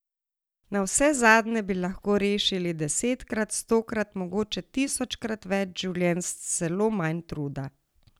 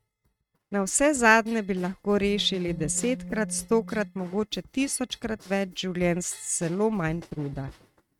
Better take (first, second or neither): first